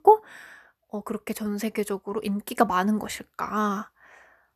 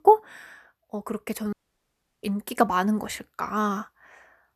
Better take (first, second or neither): first